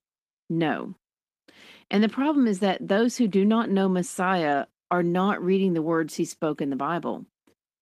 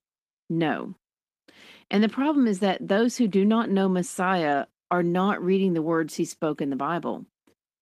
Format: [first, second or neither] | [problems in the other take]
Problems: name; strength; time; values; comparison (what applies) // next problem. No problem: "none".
neither | garbled, watery; slightly; nothing above 12 kHz; the same in both